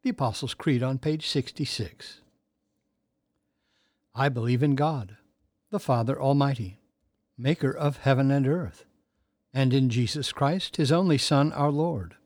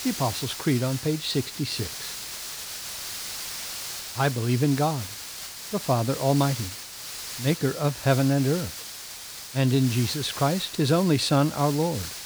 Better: first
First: none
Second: hiss; loud; throughout; 9 dB below the speech

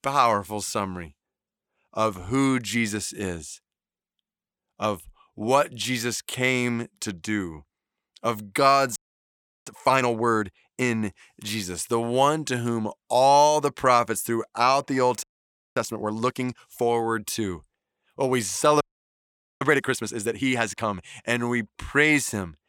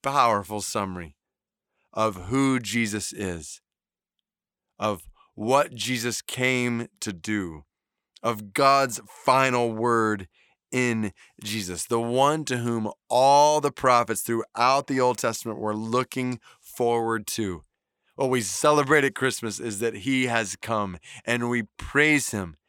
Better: second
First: audio freezing; at 9 s for 0.5 s, at 15 s for 0.5 s and at 19 s for 1 s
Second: none

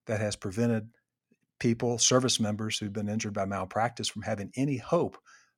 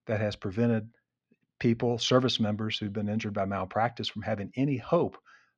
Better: first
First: none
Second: muffled; slightly; fading above 4 kHz

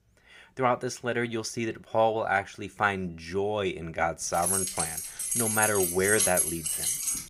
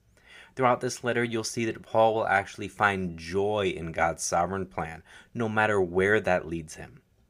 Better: second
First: jangling keys; loud; from 4.5 s on; peak 5 dB above the speech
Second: none

